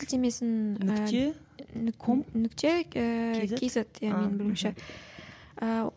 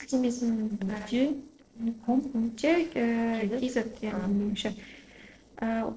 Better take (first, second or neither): first